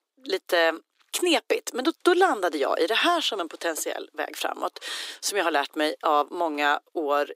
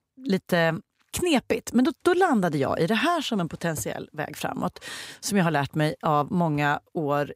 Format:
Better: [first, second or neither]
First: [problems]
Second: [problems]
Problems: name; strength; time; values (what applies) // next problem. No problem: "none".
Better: second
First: thin; very; fading below 300 Hz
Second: none